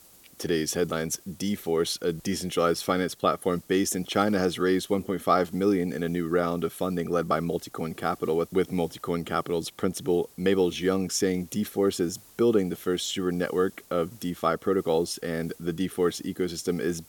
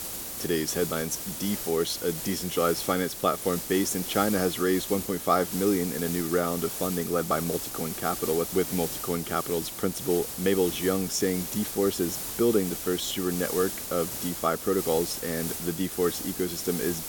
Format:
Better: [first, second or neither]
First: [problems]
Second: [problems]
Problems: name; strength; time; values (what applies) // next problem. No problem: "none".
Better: first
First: hiss; faint; throughout; 25 dB below the speech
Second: hiss; loud; throughout; 5 dB below the speech